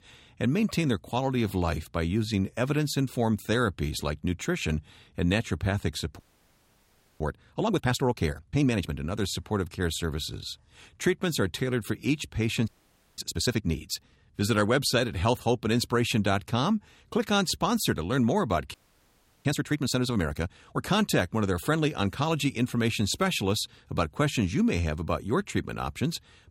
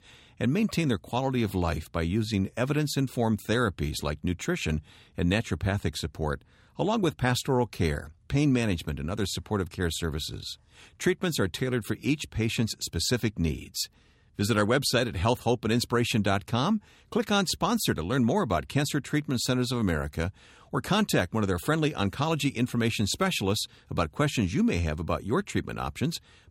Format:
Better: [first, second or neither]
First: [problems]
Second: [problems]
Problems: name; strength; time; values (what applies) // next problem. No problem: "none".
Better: second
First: audio freezing; at 6 s for 1 s, at 13 s for 0.5 s and at 19 s for 0.5 s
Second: none